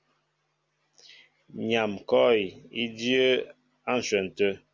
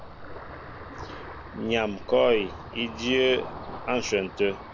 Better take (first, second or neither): first